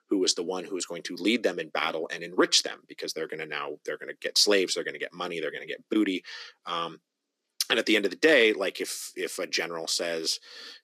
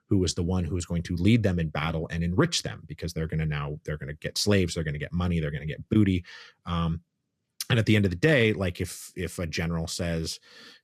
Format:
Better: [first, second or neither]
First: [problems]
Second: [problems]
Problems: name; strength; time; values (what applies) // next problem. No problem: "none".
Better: second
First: thin; somewhat; fading below 300 Hz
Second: none